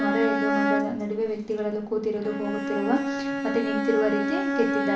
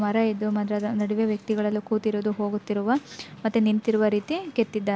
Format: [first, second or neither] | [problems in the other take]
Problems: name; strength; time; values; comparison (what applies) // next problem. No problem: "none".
second | background sound (Bowed string instrument); as loud as the speech // room echo; dies away in 0.5 s